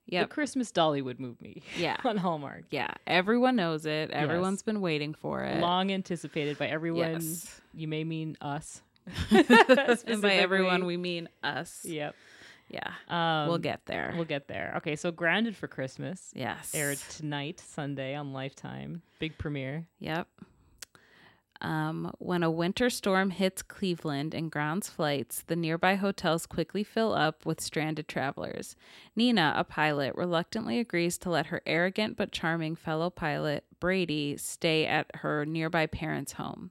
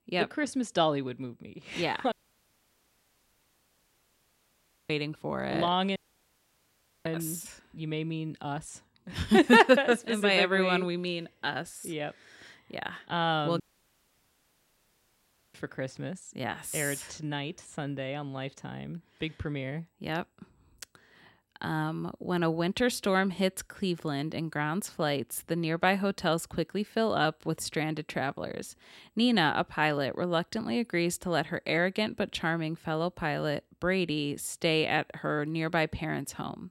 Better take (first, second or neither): first